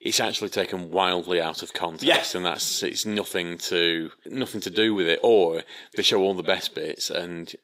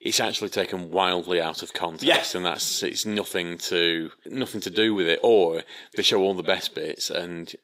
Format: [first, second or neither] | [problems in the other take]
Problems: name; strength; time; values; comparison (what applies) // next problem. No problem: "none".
neither | thin; somewhat; fading below 350 Hz; the same in both